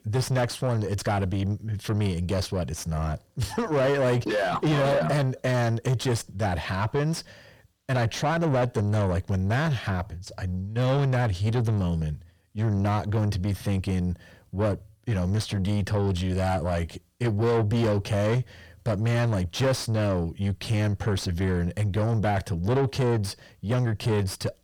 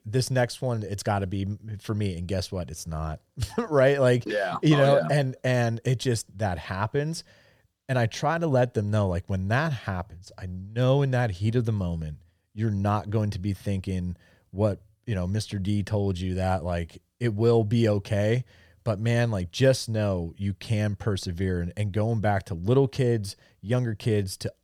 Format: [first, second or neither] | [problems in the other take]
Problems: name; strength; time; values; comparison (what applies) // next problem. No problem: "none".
second | distortion; heavy; 7 dB below the speech